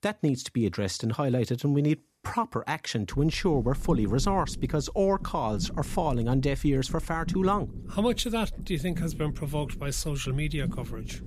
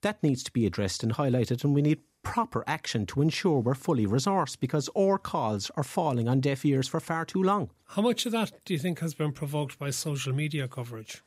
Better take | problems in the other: second | low rumble; noticeable; from 3 s on; 20 dB below the speech

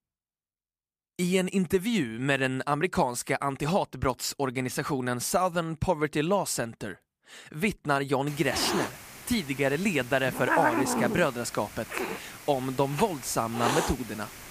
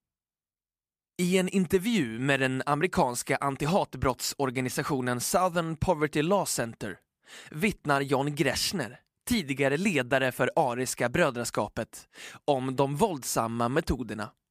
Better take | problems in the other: second | hiss; loud; from 8.5 s on; 4 dB below the speech

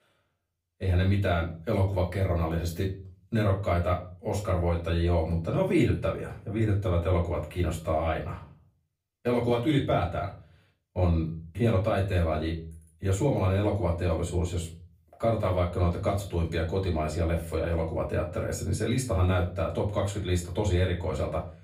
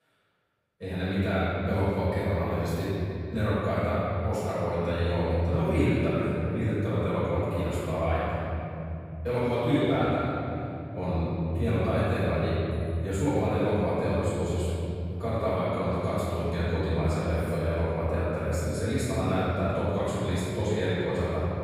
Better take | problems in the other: first | room echo; strong; dies away in 3 s; slight in the first // off-mic speech; far; far in the first

